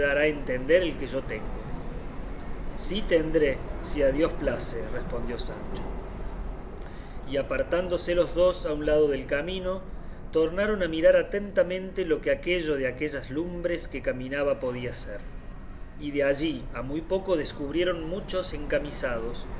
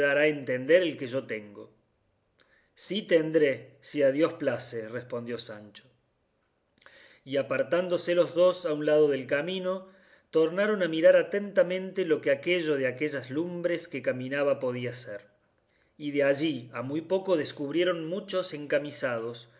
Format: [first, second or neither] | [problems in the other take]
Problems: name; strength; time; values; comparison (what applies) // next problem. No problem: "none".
second | background sound (Subway, metro, underground); 7 dB below the speech